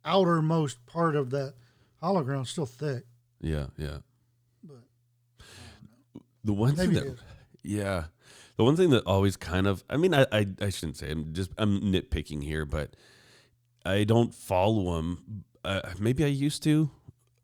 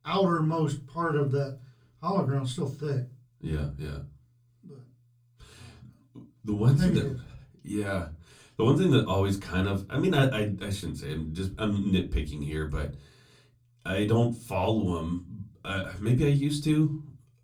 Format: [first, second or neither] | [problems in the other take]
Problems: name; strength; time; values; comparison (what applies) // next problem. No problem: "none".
first | off-mic speech; far // room echo; very slight; dies away in 0.2 s